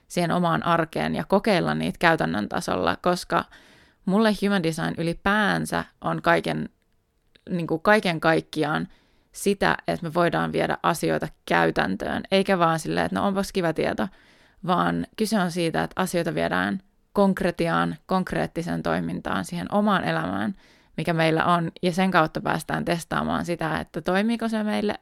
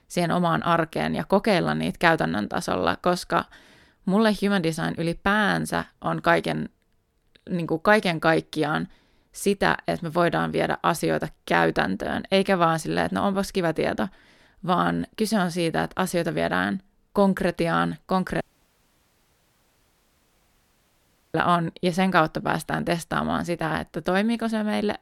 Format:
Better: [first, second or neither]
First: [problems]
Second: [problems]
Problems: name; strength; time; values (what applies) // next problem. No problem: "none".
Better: first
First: none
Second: audio cutting out; at 18 s for 3 s